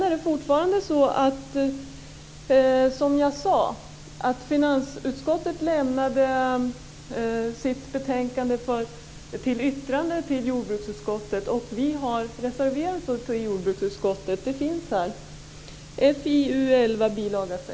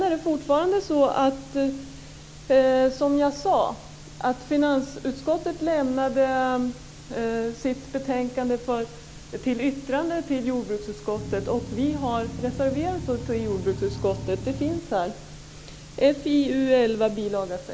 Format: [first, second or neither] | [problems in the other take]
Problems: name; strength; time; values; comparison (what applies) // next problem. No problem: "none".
first | background sound (Engine); 10 dB below the speech